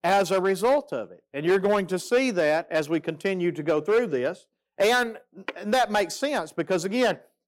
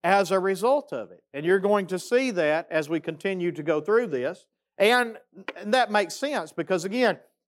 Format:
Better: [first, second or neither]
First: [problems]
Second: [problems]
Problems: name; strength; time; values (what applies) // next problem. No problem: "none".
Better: second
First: distortion; slight; 5% of the sound clipped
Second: none